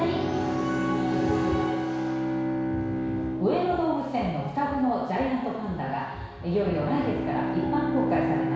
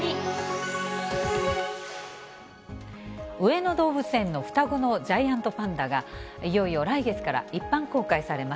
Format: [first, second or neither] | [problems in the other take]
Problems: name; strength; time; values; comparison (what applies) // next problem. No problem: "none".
second | background sound (Bowed string instrument); 1 dB below the speech // room echo; dies away in 1.1 s